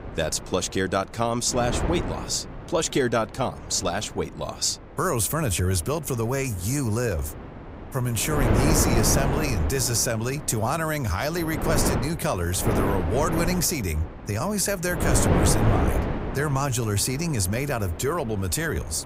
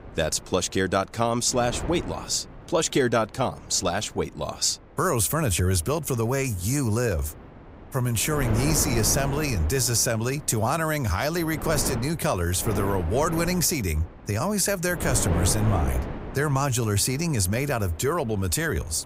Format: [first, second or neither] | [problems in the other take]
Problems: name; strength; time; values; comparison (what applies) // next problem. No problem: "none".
second | wind noise on the microphone; heavy; 4 dB below the speech; occasional gusts in the second